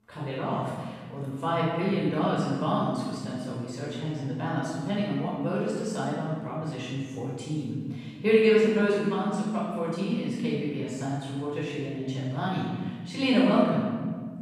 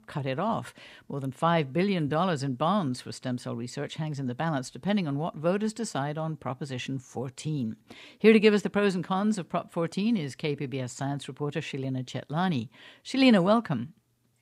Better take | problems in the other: second | off-mic speech; far // room echo; strong; dies away in 1.5 s

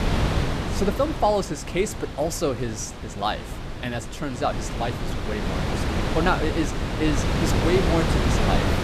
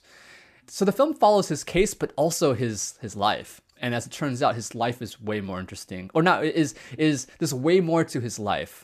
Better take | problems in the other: second | wind noise on the microphone; heavy; 3 dB below the speech

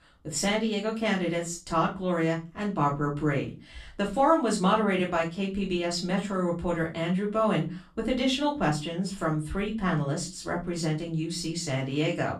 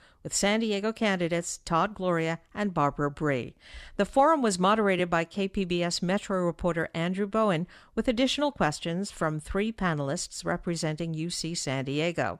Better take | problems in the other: second | off-mic speech; far // room echo; very slight; dies away in 0.3 s

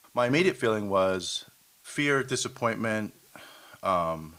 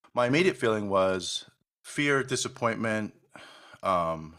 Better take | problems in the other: second | hiss; faint; throughout; 30 dB below the speech

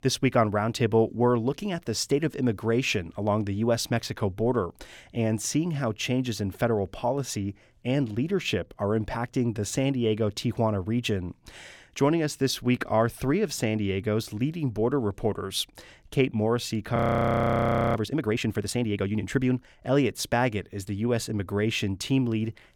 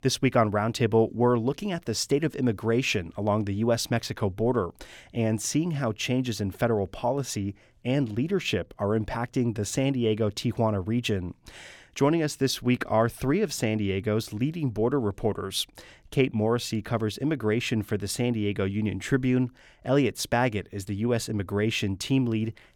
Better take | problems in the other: second | audio freezing; at 17 s for 1 s

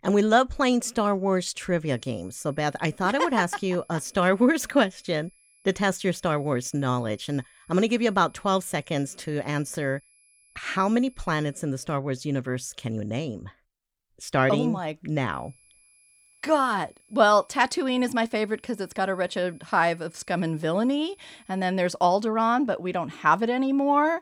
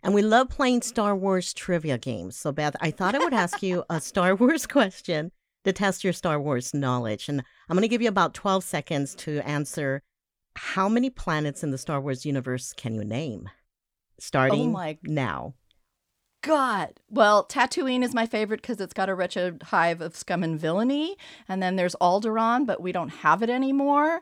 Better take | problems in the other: second | high-pitched whine; faint; from 2 to 12 s and from 15 to 22 s; 11 kHz, 30 dB below the speech

